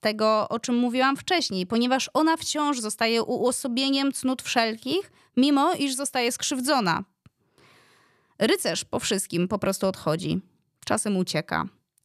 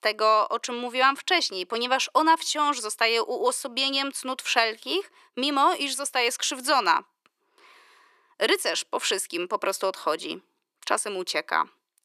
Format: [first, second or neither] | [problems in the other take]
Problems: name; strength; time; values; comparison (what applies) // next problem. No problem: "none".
first | thin; somewhat; fading below 350 Hz